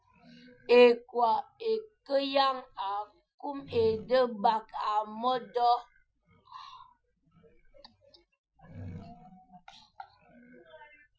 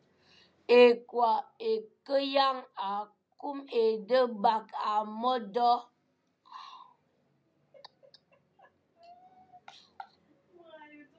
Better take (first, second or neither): second